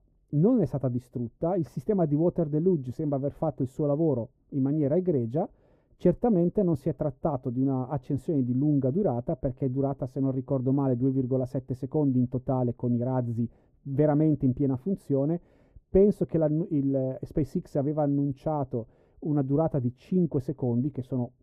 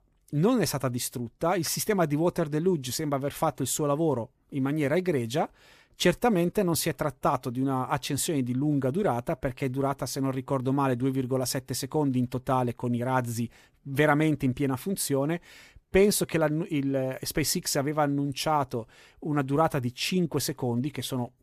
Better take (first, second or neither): second